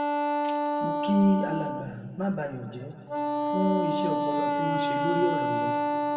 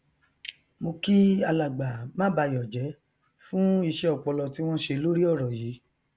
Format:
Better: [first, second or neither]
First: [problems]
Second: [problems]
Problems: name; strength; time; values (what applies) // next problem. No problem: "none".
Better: second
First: background sound (Wind instrument, woodwind instrument); 2 dB above the speech // room echo; dies away in 2 s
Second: none